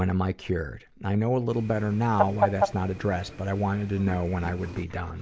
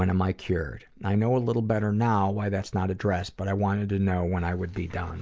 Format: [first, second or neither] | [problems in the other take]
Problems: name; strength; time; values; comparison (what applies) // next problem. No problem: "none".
second | background sound (Fowl); 5 dB below the speech